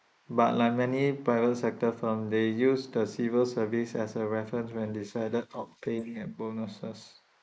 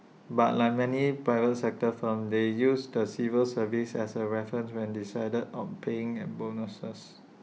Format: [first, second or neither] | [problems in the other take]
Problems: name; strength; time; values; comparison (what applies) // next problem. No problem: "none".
second | noise reduction (neural mask model Resemble Enhance denoiser)